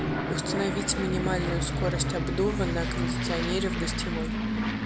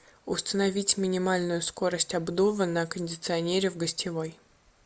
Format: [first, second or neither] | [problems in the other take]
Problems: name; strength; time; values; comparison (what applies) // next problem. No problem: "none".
second | background sound (Aircraft); 2 dB above the speech